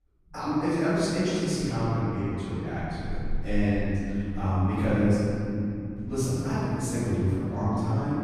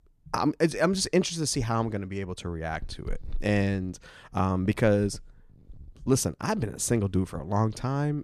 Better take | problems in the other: second | room echo; strong; dies away in 3 s // off-mic speech; far

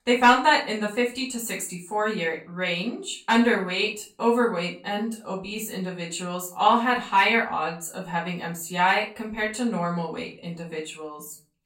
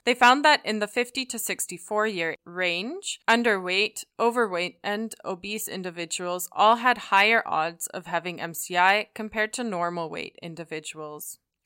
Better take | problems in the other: second | off-mic speech; far // room echo; slight; dies away in 0.3 s

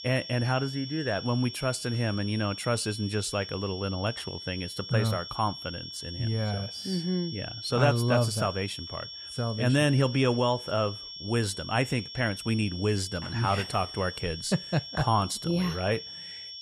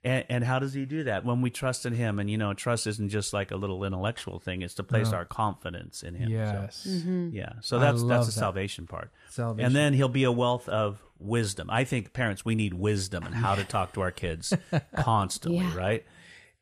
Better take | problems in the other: second | high-pitched whine; loud; throughout; 5.5 kHz, 10 dB below the speech

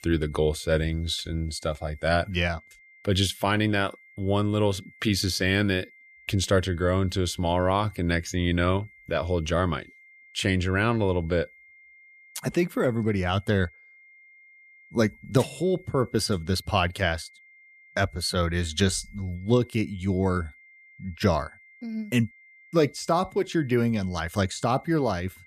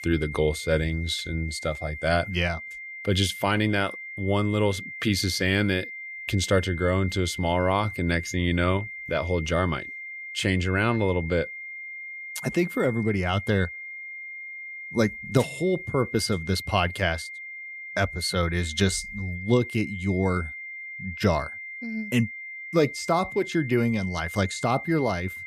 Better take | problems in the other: first | high-pitched whine; loud; throughout; 2 kHz, 10 dB below the speech; faint in the first

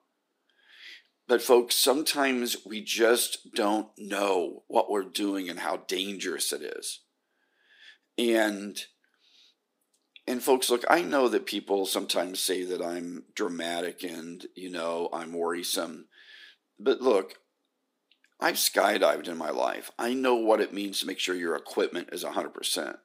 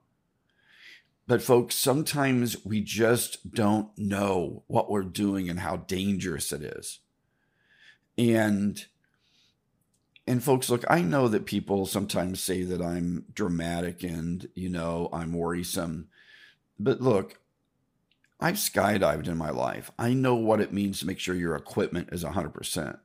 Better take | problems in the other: second | thin; somewhat; fading below 300 Hz

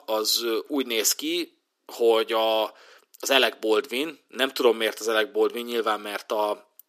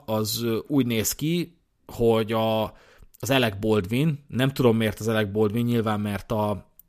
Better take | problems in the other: second | thin; somewhat; fading below 300 Hz

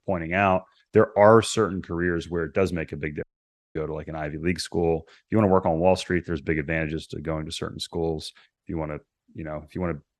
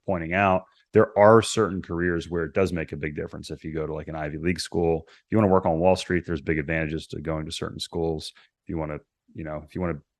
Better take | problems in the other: second | audio cutting out; at 3 s for 0.5 s

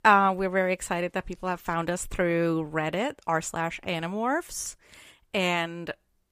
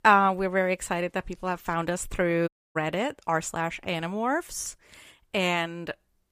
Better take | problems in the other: first | audio cutting out; at 2.5 s

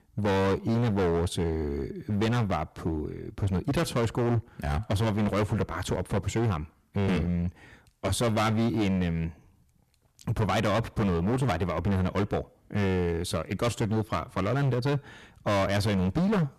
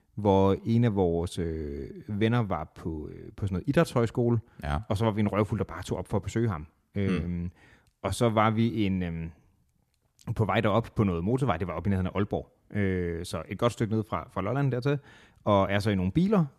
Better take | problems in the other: second | distortion; heavy; 19% of the sound clipped

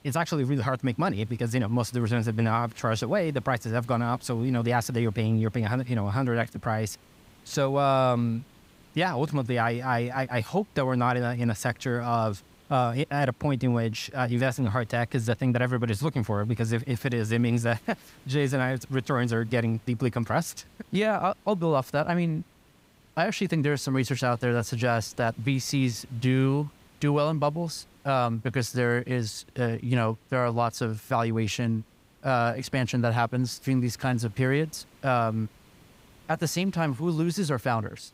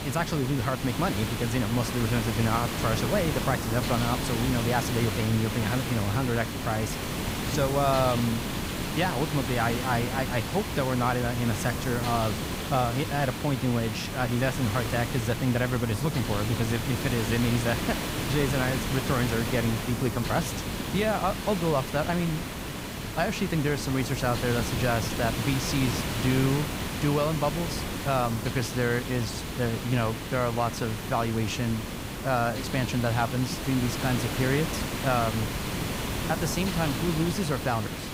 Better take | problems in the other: first | hiss; loud; throughout; 3 dB below the speech; faint in the first

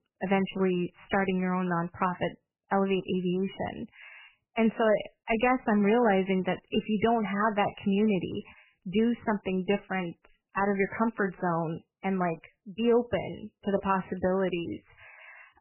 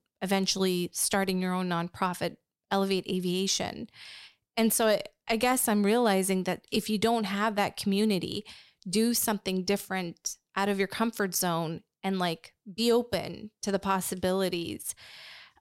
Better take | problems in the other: second | garbled, watery; badly; nothing above 3 kHz

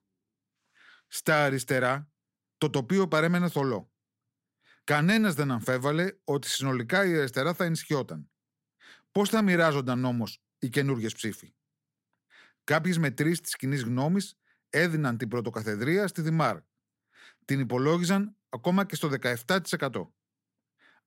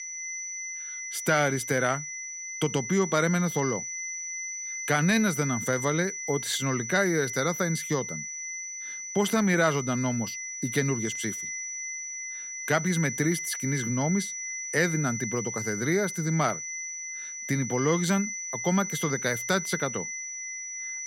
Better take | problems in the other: first | high-pitched whine; loud; throughout; 6 kHz, 5 dB below the speech

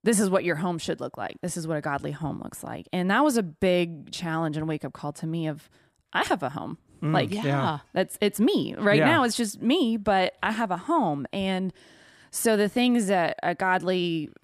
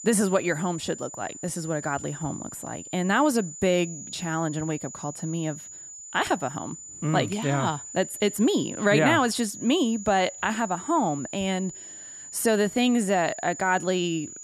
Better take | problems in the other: first | high-pitched whine; noticeable; throughout; 7 kHz, 10 dB below the speech

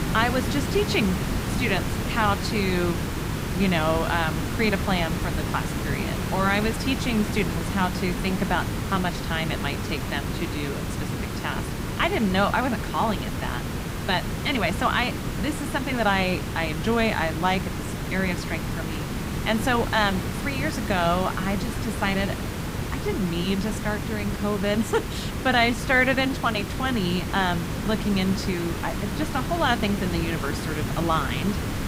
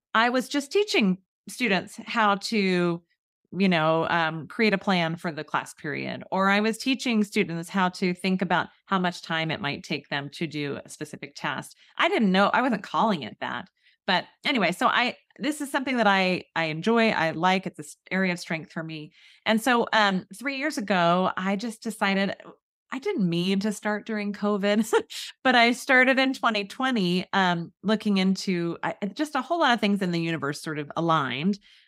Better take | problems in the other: second | hiss; loud; throughout; 3 dB below the speech

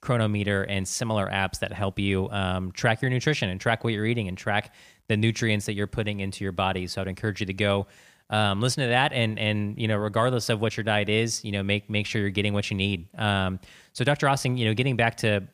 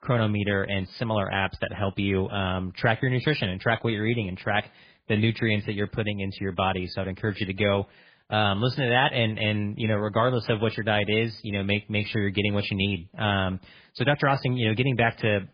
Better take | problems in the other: first | garbled, watery; badly; nothing above 5 kHz

